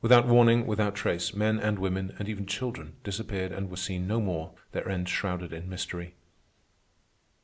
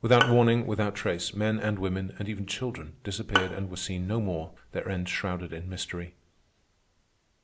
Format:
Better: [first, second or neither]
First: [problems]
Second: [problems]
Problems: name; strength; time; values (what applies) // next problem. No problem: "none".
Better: first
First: none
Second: background sound (Bowed string instrument); 5 dB below the speech